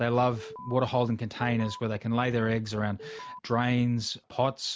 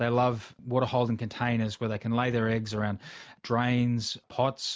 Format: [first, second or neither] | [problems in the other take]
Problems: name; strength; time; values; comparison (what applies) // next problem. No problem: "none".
second | background sound (Alarm); 14 dB below the speech